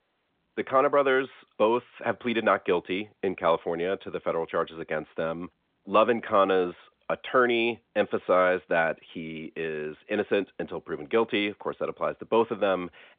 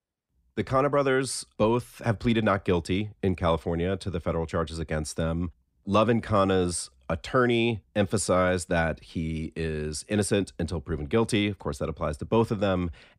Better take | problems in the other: second | phone-call audio

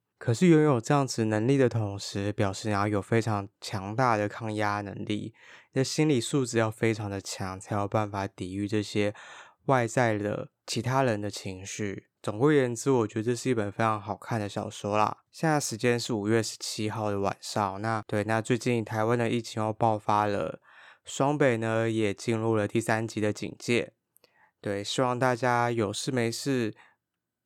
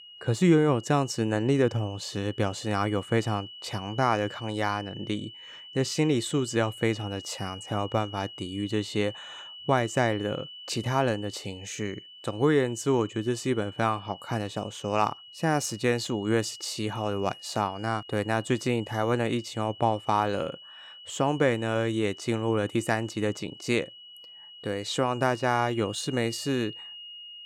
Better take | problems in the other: first | high-pitched whine; noticeable; throughout; 3 kHz, 15 dB below the speech

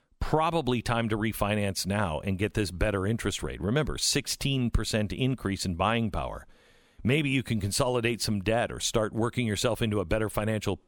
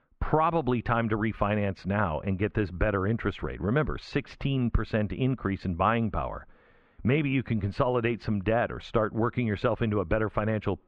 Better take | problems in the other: first | muffled; very; fading above 2 kHz

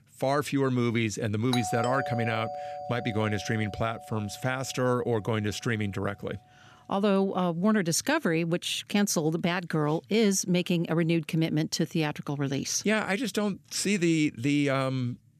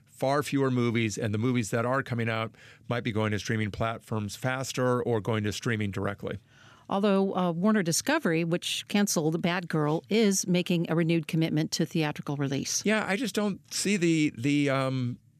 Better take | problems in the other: second | doorbell; noticeable; from 1.5 to 4 s; peak 5 dB below the speech

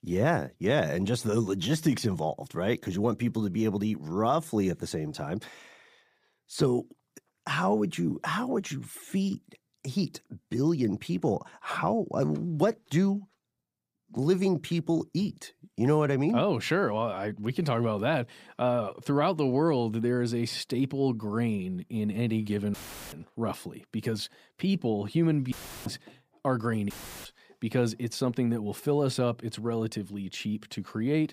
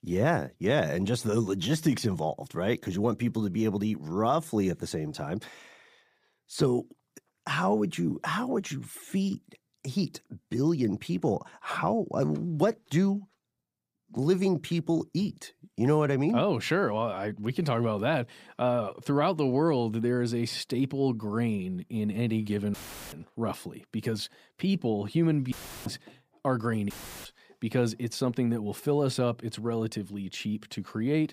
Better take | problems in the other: neither | audio cutting out; filled with static; at 23 s, at 26 s and at 27 s; the same in both

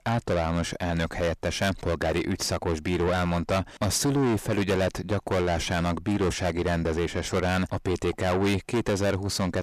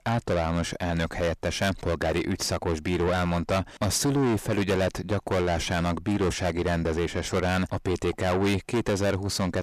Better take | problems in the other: neither | distortion; heavy; 6 dB below the speech; the same in both

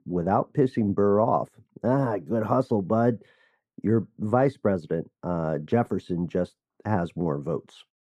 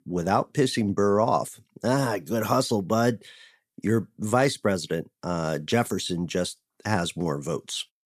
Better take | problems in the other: second | muffled; very; fading above 2 kHz

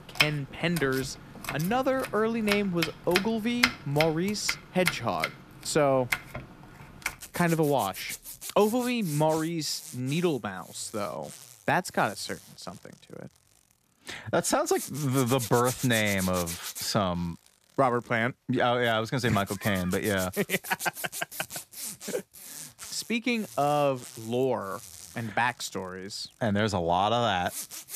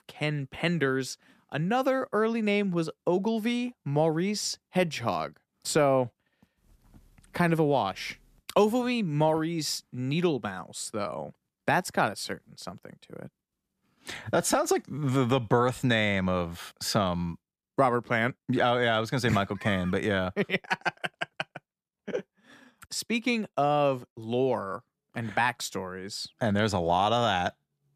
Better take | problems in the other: second | household noises; loud; throughout; 7 dB below the speech

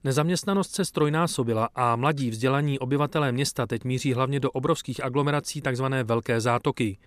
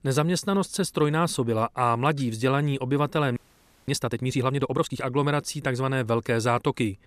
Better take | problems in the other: first | audio freezing; at 3.5 s for 0.5 s

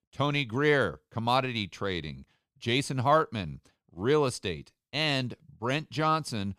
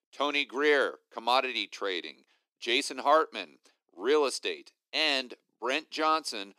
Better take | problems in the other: first | thin; somewhat; fading below 300 Hz

